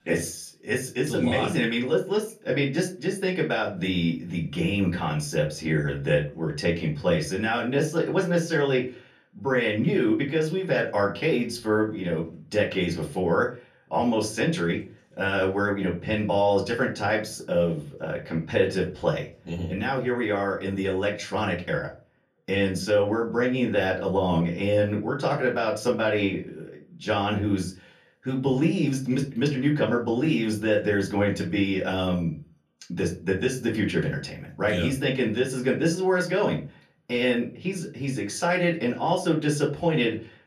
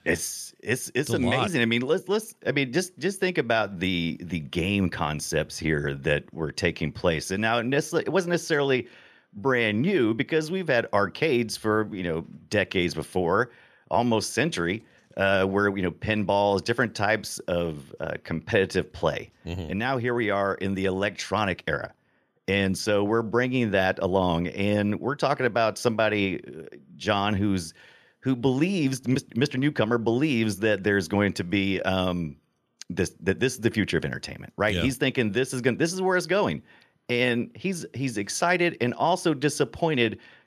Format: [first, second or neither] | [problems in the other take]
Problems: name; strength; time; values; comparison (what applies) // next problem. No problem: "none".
second | off-mic speech; far // room echo; very slight; dies away in 0.3 s